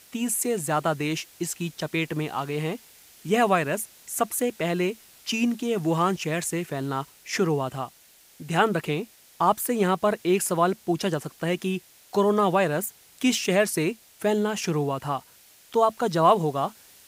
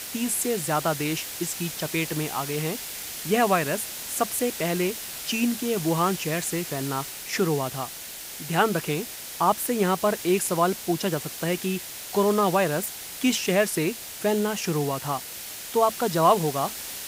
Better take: first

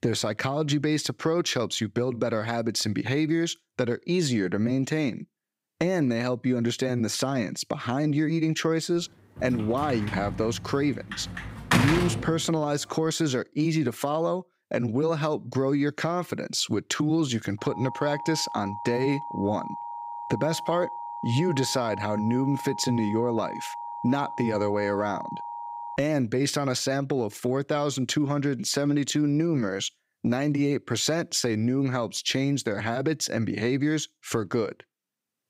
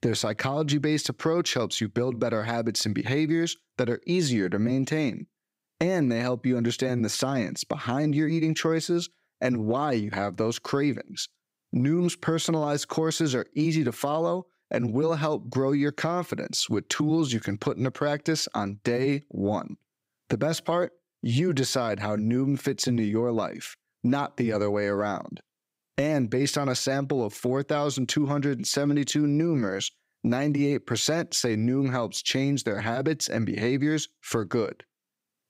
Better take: second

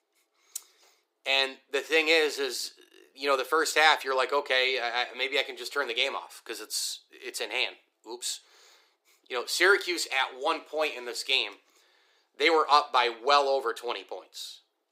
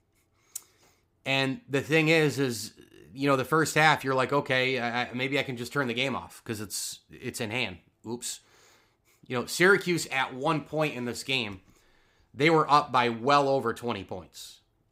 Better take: second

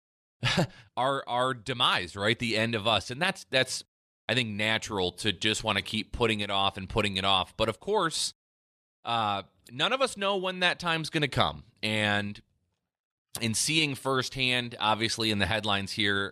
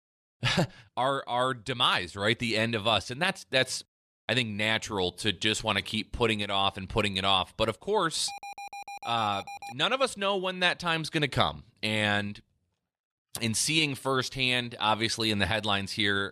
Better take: first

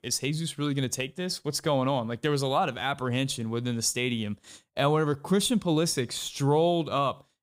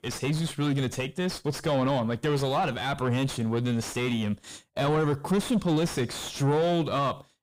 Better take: first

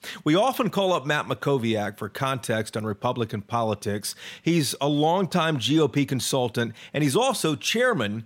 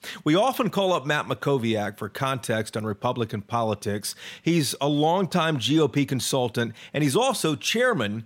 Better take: neither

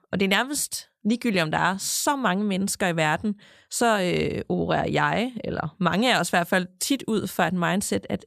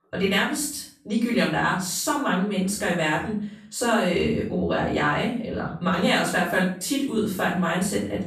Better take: first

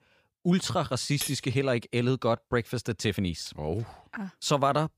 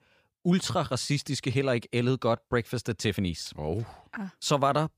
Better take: second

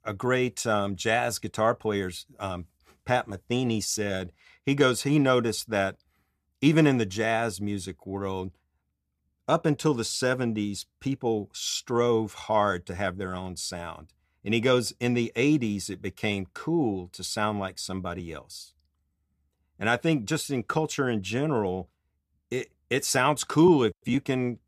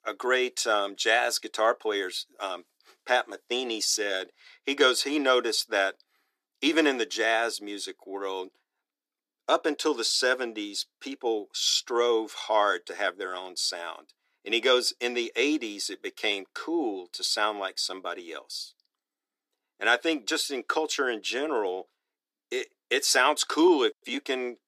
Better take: first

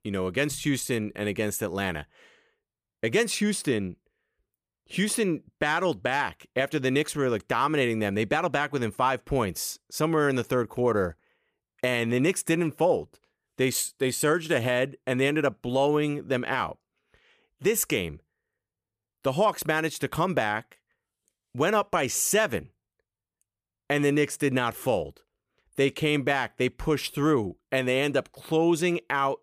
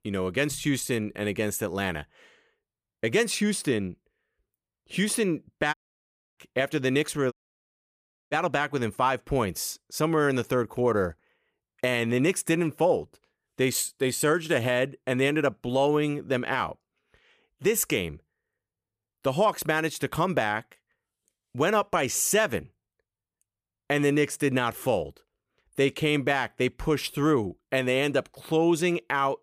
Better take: first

